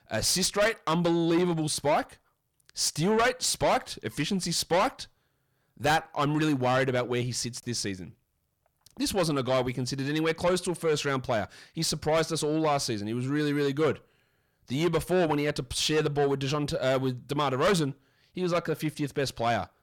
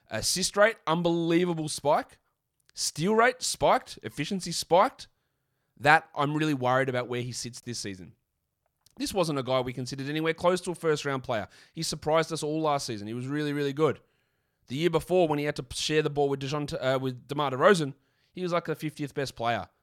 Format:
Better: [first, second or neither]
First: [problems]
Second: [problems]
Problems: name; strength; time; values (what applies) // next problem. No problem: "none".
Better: second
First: distortion; heavy; 8 dB below the speech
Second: none